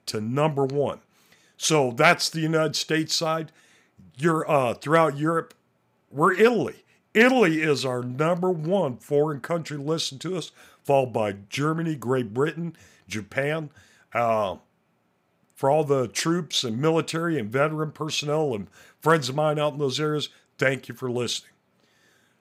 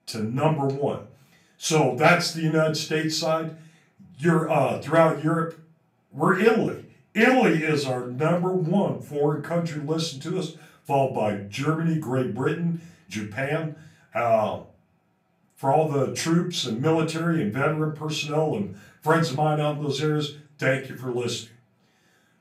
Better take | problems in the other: first | off-mic speech; far // room echo; slight; dies away in 0.3 s

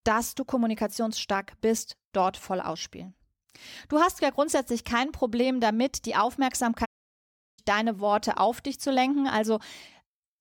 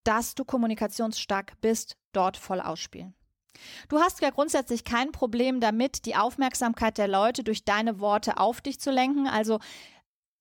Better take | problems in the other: second | audio cutting out; at 7 s for 0.5 s

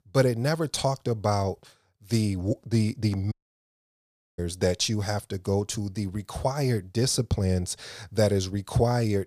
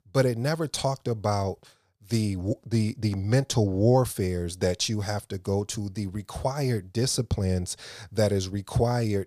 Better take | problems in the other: second | audio cutting out; at 3.5 s for 1 s

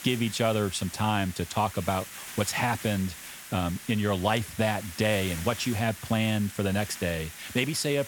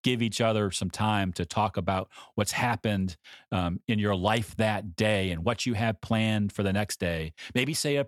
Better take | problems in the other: second | hiss; noticeable; throughout; 10 dB below the speech

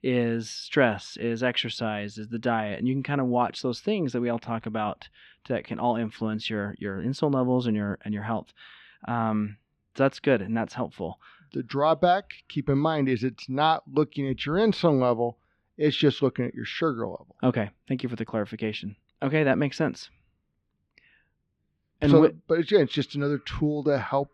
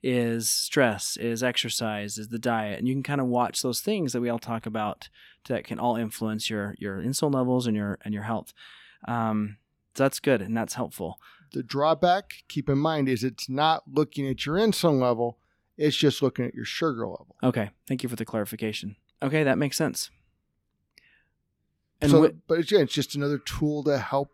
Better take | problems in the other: second | muffled; slightly; fading above 3.5 kHz

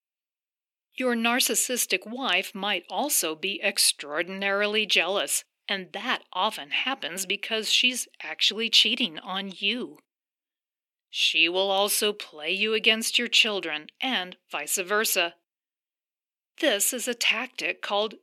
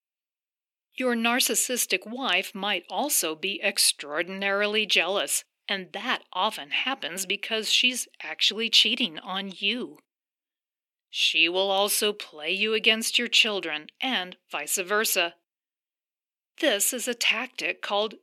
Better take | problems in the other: neither | thin; somewhat; fading below 300 Hz; the same in both

